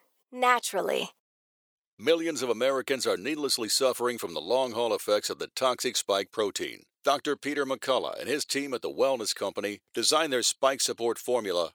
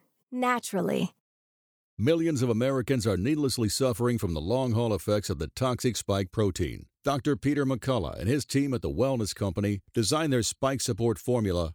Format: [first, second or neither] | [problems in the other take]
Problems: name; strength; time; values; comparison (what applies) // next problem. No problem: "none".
second | thin; very; fading below 550 Hz